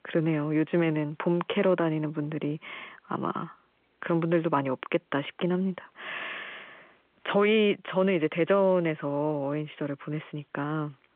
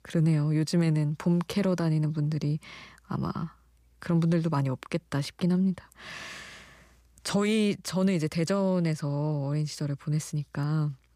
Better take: second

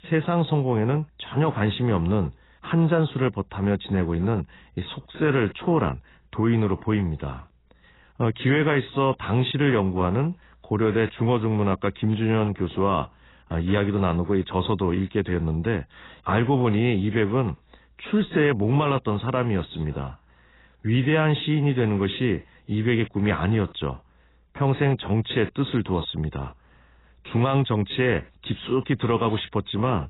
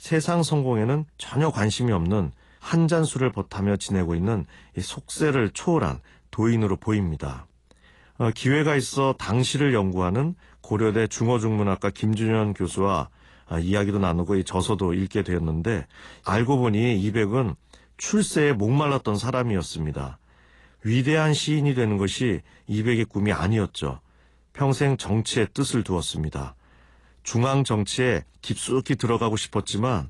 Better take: second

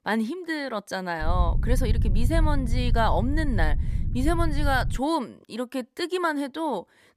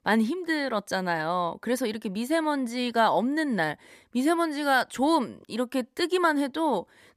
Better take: second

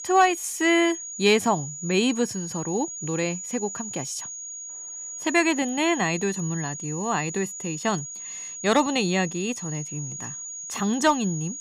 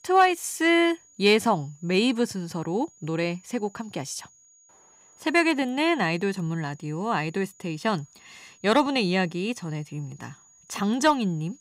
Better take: second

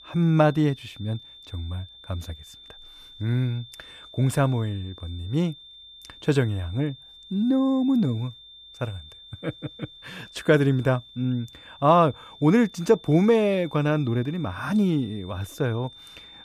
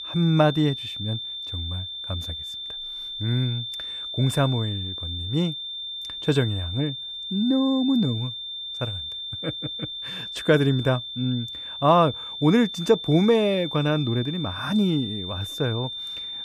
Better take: first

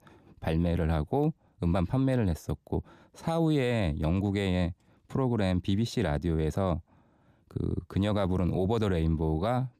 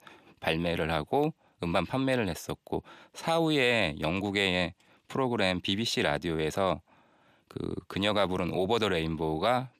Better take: first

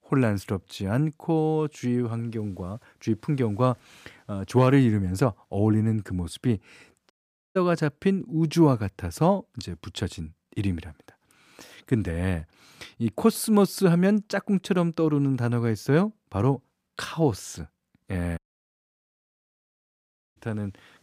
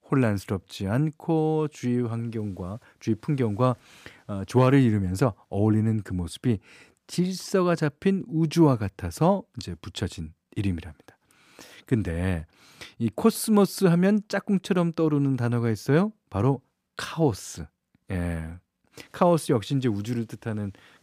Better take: second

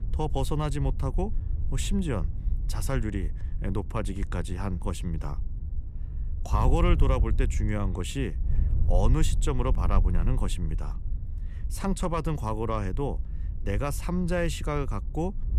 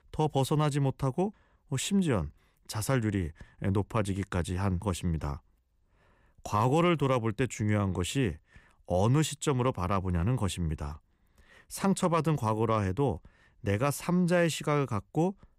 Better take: second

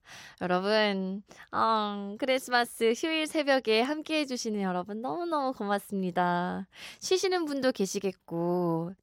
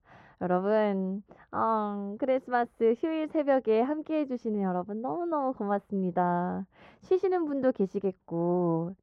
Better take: first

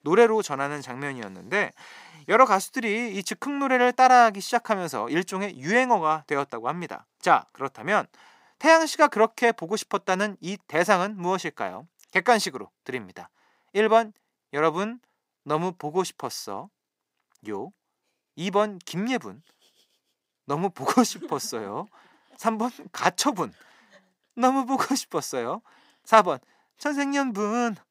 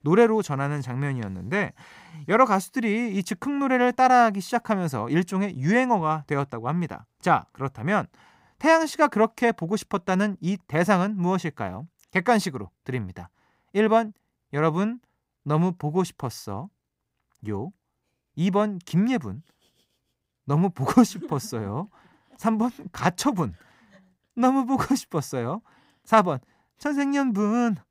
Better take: second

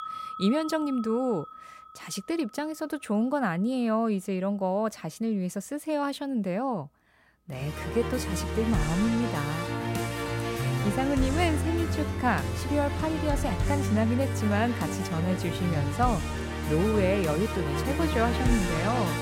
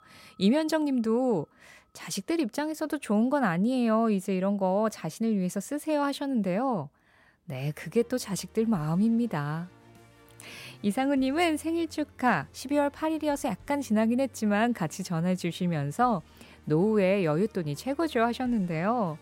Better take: second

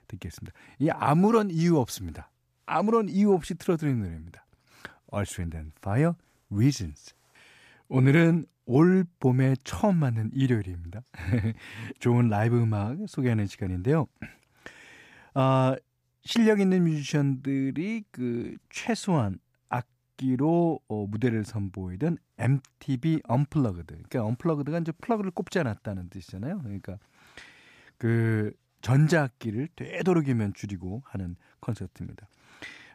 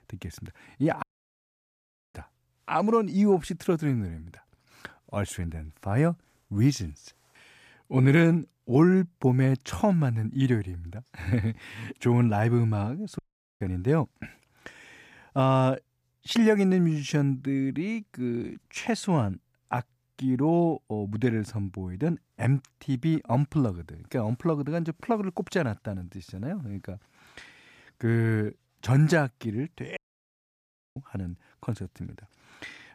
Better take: first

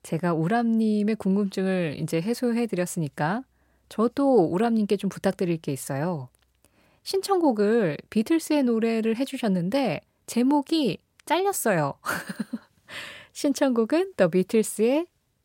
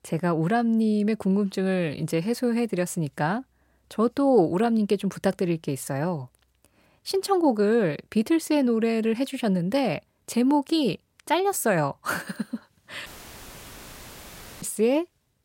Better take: first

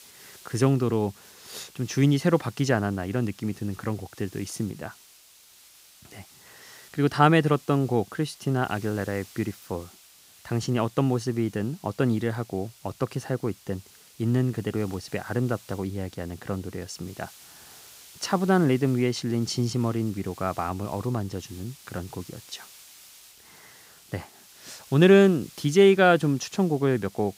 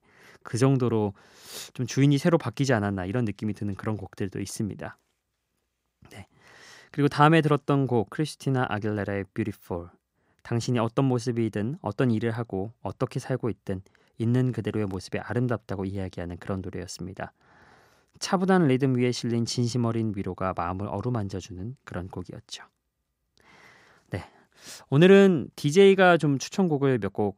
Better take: second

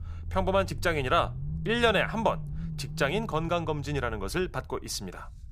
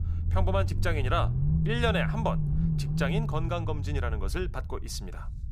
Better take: first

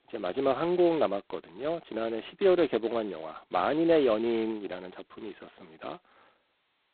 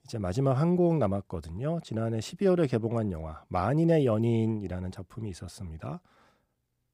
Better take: second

